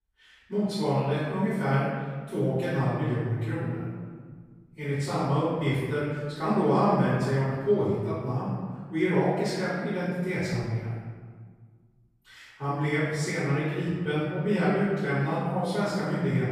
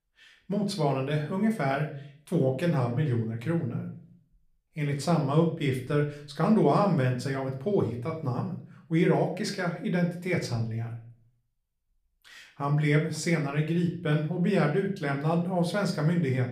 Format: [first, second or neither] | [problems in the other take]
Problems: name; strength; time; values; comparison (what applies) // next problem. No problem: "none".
second | room echo; strong; dies away in 1.5 s; slight in the second // off-mic speech; far; somewhat distant in the second